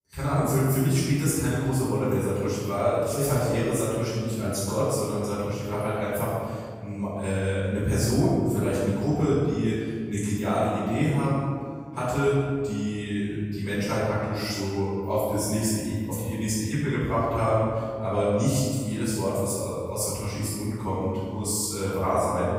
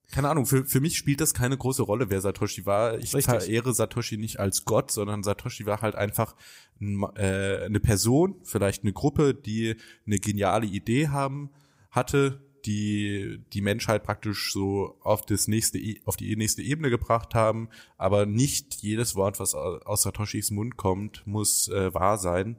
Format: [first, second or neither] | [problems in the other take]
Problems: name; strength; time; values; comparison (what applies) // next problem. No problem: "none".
second | off-mic speech; far // room echo; strong; dies away in 1.9 s